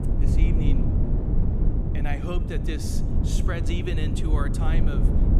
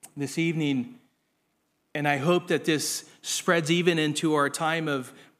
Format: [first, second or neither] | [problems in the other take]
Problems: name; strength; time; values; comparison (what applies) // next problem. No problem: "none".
second | low rumble; loud; throughout; 1 dB below the speech